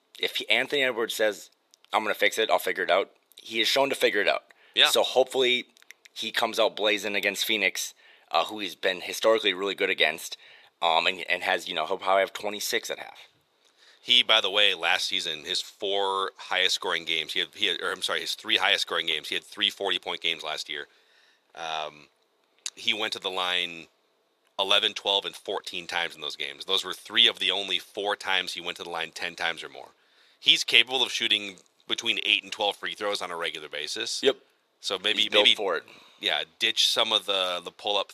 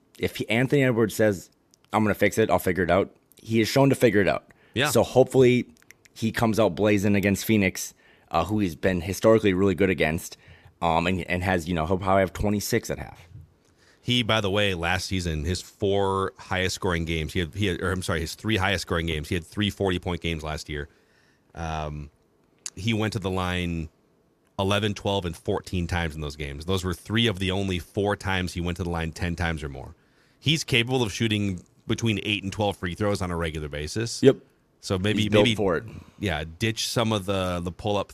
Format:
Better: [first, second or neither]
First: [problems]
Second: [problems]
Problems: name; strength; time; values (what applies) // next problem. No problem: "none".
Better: second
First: thin; very; fading below 600 Hz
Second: none